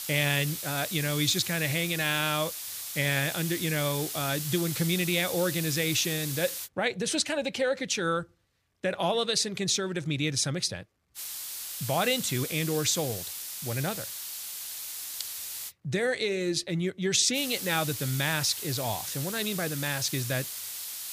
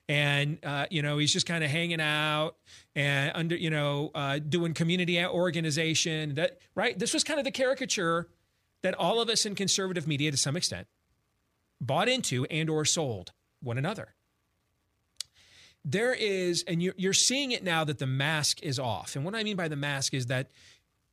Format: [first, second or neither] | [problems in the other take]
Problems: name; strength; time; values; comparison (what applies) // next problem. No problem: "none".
second | hiss; loud; until 6.5 s, from 11 to 16 s and from 17 s on; 6 dB below the speech